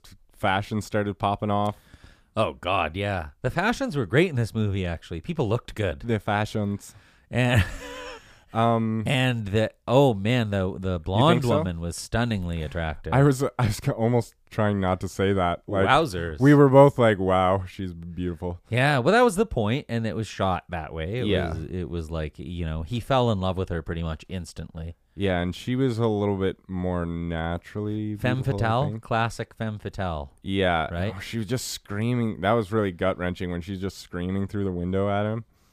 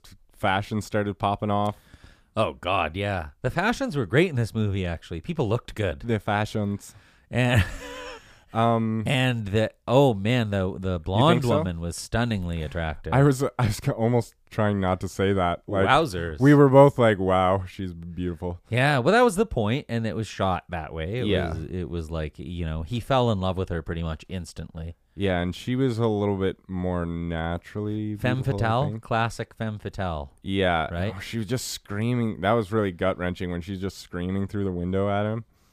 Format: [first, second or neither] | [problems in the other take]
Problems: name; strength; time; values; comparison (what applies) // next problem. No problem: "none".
neither | none